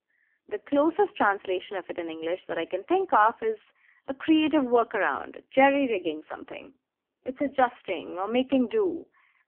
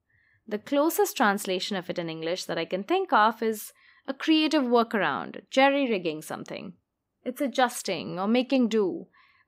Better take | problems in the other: second | phone-call audio; poor line; nothing above 3 kHz

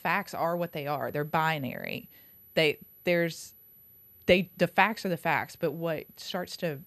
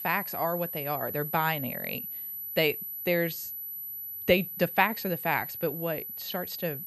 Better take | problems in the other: first | high-pitched whine; loud; throughout; 12 kHz, 5 dB below the speech; faint in the first

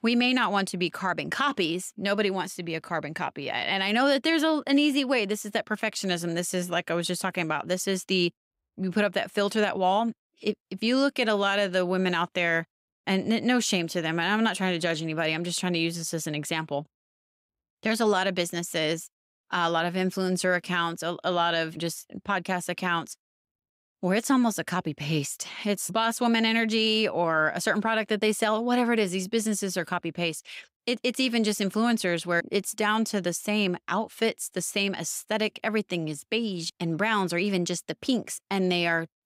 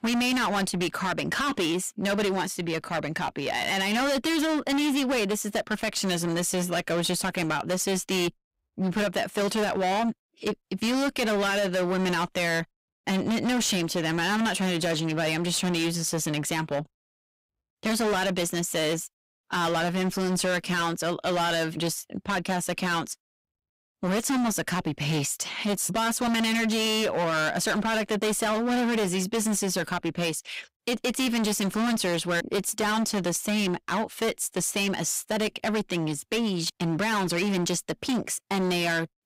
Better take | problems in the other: first | distortion; heavy; 25% of the sound clipped

